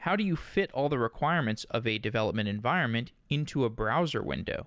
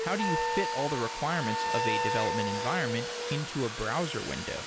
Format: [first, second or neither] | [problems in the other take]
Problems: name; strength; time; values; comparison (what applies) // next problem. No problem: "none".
first | background sound (Domestic sounds, home sounds + Wind instrument, woodwind instrument); as loud as the speech